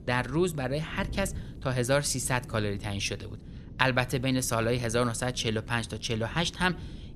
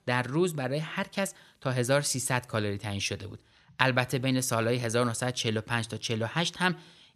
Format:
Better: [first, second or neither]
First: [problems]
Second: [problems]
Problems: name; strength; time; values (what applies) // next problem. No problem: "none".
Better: second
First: wind noise on the microphone; occasional gusts; 25 dB below the speech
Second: none